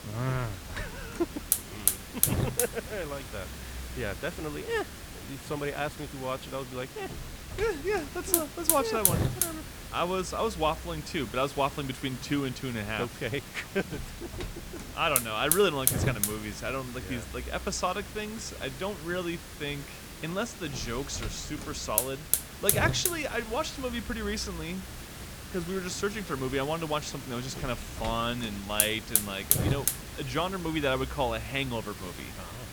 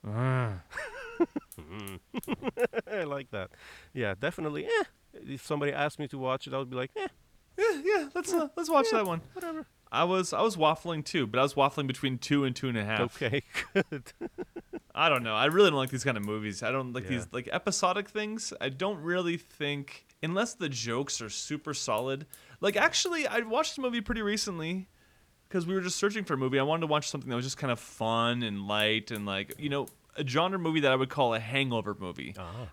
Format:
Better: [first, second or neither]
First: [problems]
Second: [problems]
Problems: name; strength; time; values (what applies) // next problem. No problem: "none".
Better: second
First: hiss; loud; throughout; as loud as the speech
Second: hiss; faint; throughout; 30 dB below the speech